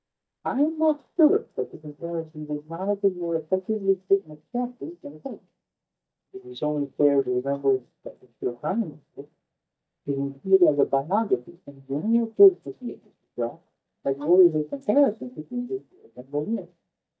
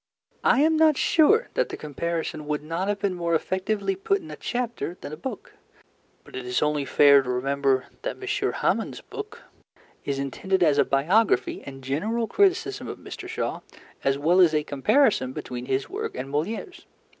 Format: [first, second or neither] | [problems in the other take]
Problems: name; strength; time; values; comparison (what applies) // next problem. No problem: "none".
second | noise reduction (neural mask model DeepFilterNet 3)